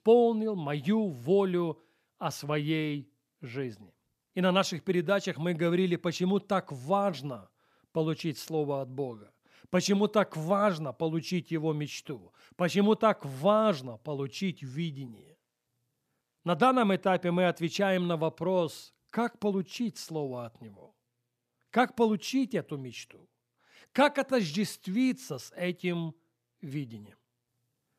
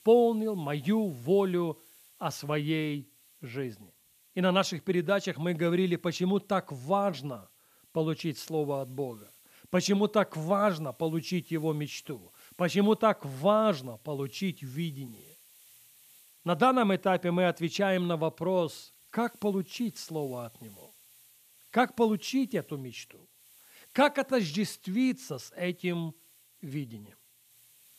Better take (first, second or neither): first